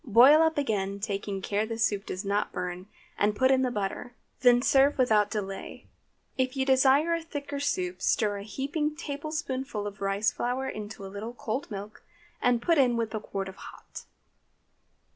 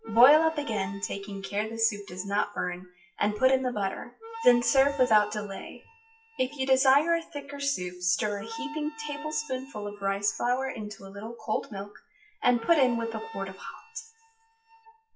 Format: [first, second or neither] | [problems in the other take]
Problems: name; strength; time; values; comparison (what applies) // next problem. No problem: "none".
first | noise reduction (classical method WPE with log-MMSE)